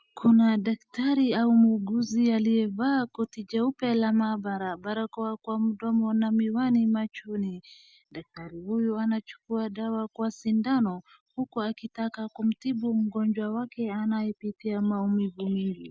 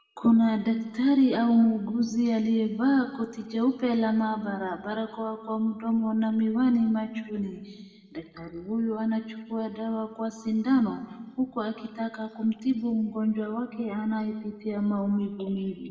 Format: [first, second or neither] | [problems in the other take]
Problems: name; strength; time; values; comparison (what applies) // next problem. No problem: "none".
first | room echo; dies away in 1.2 s